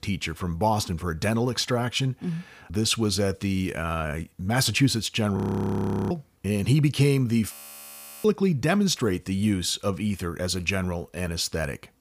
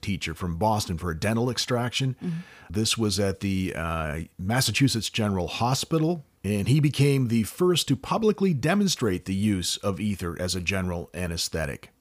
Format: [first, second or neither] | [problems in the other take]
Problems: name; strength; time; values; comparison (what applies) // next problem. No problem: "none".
second | audio freezing; at 5.5 s for 0.5 s and at 7.5 s for 0.5 s